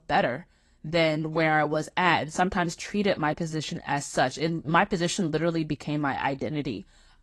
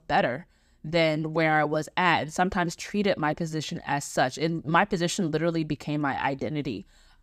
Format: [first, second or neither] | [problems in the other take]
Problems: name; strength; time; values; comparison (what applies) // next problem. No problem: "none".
second | garbled, watery; slightly; nothing above 11.5 kHz